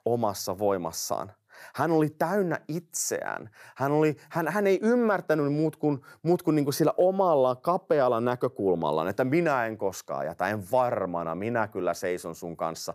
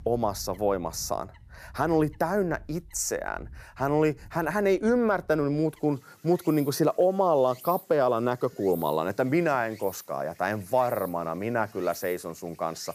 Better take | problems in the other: first | animal sounds; faint; throughout; 20 dB below the speech

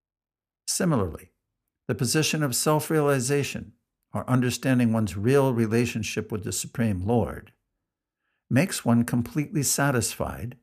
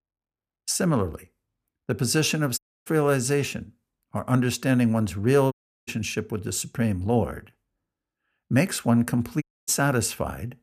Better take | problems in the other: first | audio cutting out; at 2.5 s, at 5.5 s and at 9.5 s

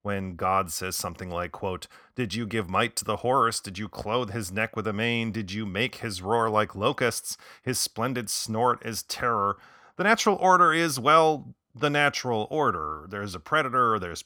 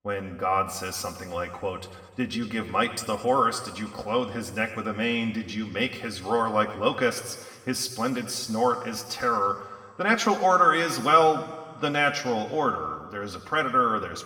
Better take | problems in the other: first | room echo; slight; dies away in 1.4 s // off-mic speech; somewhat distant

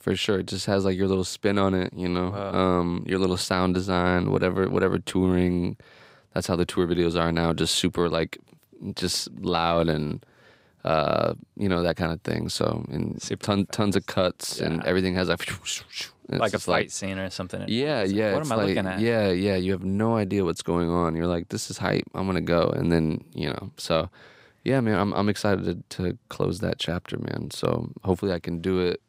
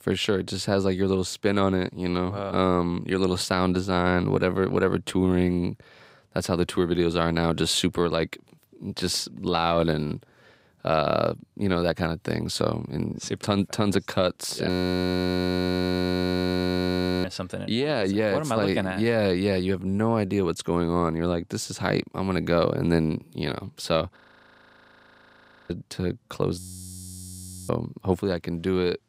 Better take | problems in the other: first | audio freezing; at 15 s for 2.5 s, at 24 s for 1.5 s and at 27 s for 1 s

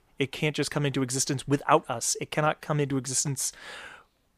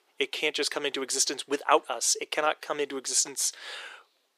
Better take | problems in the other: first | thin; somewhat; fading below 350 Hz

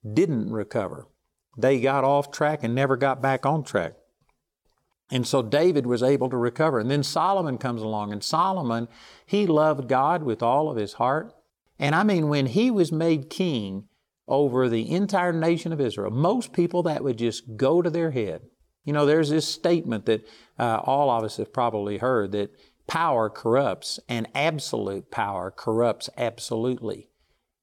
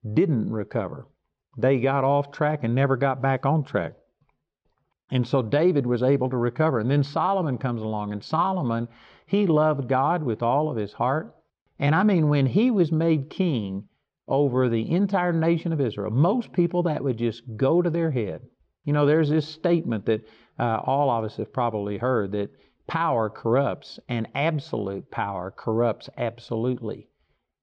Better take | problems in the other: first | muffled; slightly; fading above 3.5 kHz

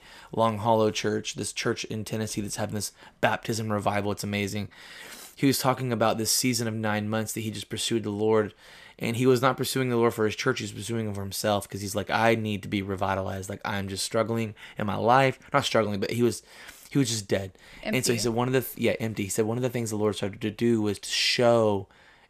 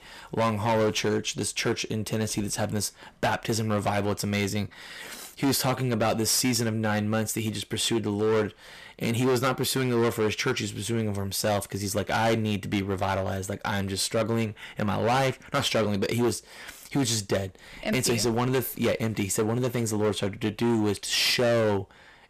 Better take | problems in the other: first | distortion; heavy; 11% of the sound clipped

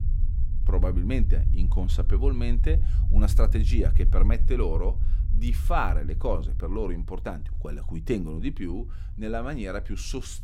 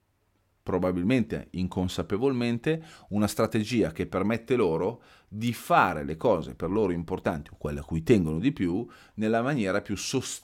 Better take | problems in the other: second | low rumble; noticeable; throughout; 15 dB below the speech

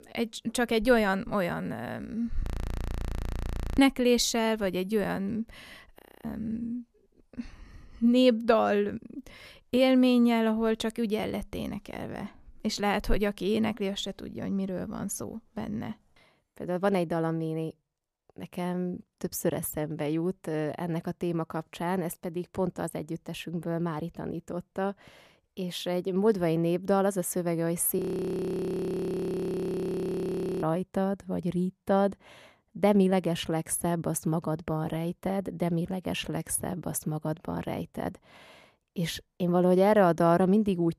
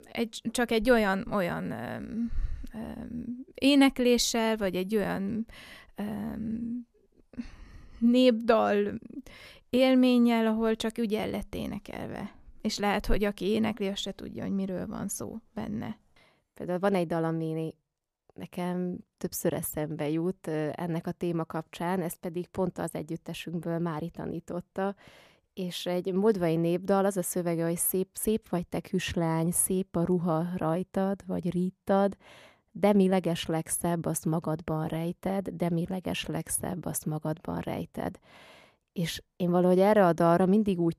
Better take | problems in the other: second | audio freezing; at 2.5 s for 1.5 s, at 6 s and at 28 s for 2.5 s

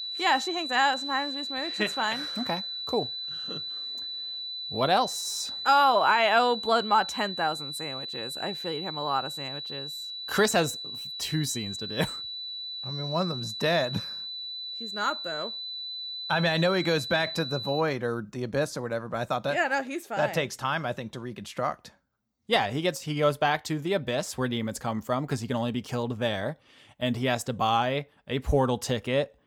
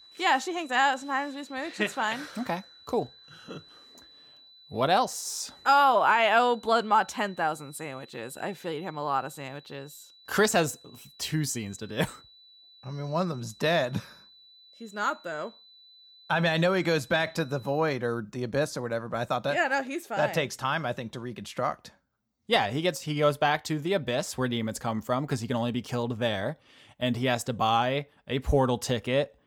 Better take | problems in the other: second | high-pitched whine; loud; until 18 s; 4 kHz, 5 dB below the speech; faint in the second

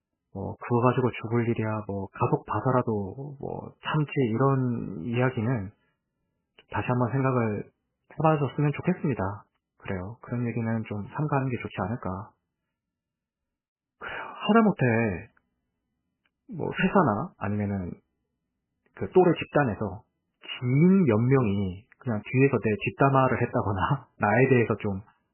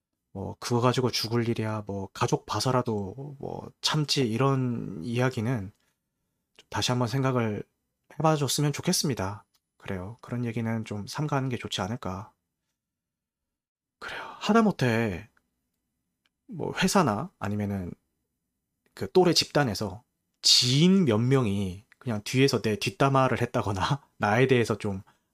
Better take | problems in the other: second | garbled, watery; badly; nothing above 3 kHz

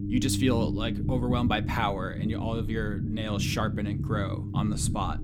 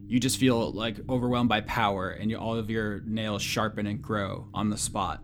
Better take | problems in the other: second | low rumble; loud; throughout; 8 dB below the speech; faint in the second

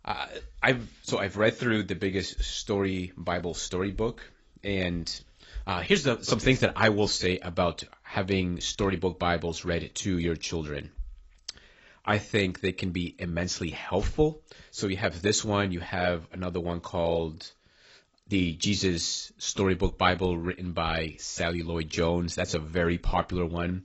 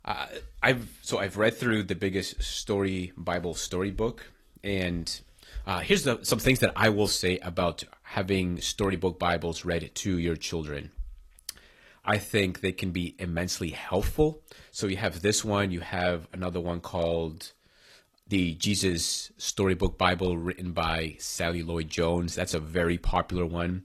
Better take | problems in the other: second | garbled, watery; badly; nothing above 7.5 kHz; slightly in the second

